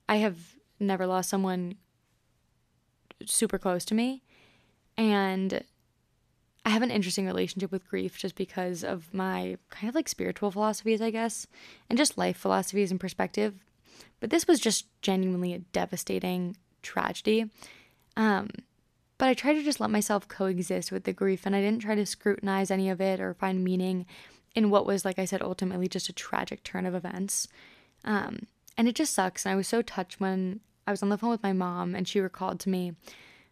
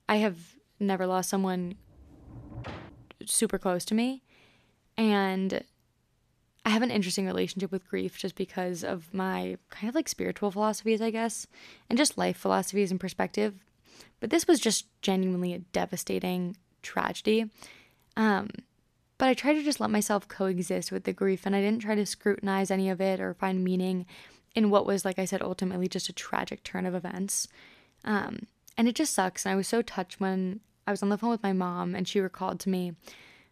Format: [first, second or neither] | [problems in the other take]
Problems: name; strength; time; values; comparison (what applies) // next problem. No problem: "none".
first | door banging; faint; from 1.5 to 3 s; peak 10 dB below the speech